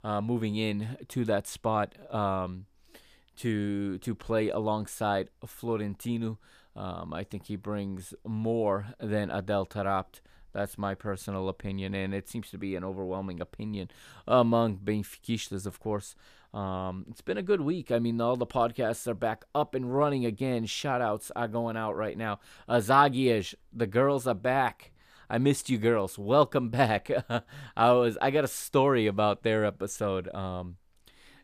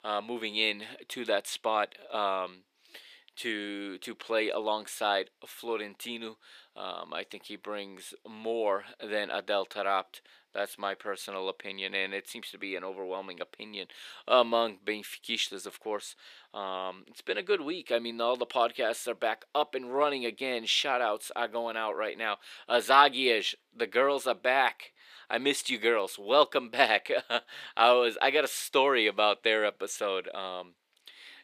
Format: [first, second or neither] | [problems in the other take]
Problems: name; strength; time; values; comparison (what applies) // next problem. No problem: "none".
first | thin; somewhat; fading below 350 Hz